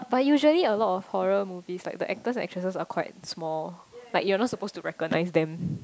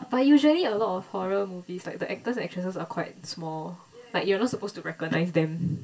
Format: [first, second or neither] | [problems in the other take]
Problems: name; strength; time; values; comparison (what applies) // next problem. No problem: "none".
first | room echo; dies away in 0.2 s